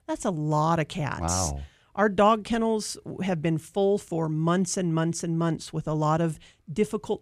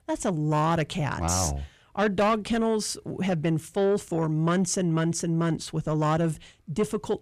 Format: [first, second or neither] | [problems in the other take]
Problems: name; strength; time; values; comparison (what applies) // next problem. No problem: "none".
first | distortion; slight; 10 dB below the speech